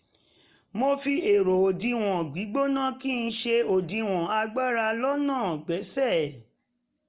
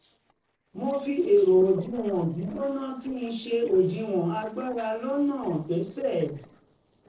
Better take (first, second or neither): first